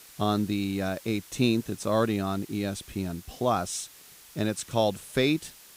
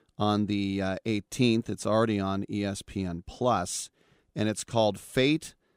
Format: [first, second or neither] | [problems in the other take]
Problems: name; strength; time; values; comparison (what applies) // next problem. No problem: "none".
second | hiss; noticeable; throughout; 20 dB below the speech